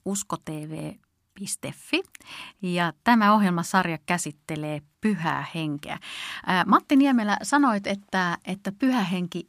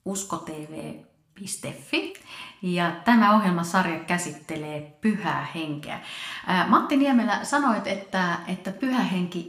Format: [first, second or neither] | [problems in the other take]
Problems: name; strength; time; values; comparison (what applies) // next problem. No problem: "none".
first | room echo; very slight; dies away in 0.5 s